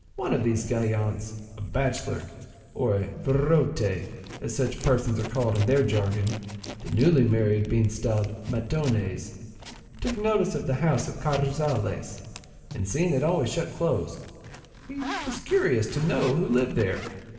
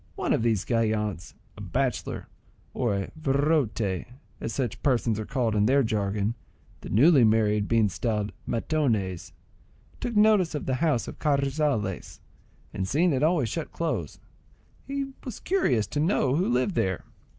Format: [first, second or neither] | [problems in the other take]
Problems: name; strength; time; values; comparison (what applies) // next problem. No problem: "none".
second | background sound (Zipper (clothing)); 18 dB below the speech // room echo; dies away in 2.9 s